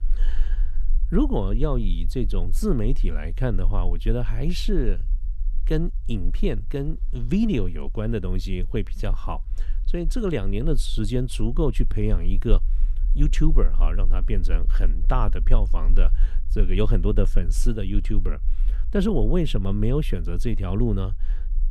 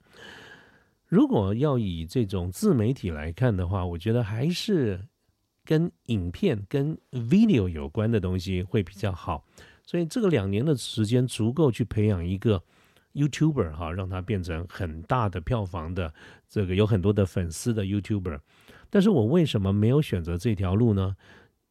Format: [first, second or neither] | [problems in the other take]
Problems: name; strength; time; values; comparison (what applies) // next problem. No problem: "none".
second | low rumble; faint; throughout; 25 dB below the speech